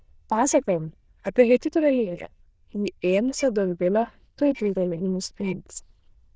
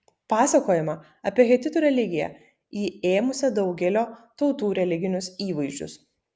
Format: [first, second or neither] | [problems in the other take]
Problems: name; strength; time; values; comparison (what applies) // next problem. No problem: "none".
second | noise reduction (neural diffusion model UNIVERSE++)